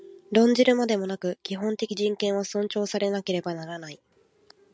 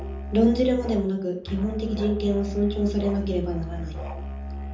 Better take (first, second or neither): first